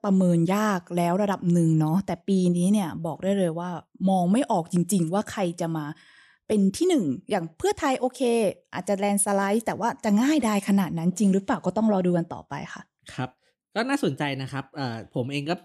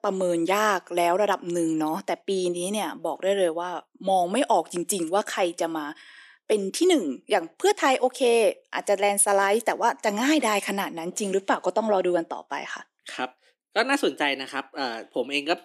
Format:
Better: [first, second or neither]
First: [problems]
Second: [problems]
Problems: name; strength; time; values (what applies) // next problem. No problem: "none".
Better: first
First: none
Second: thin; somewhat; fading below 300 Hz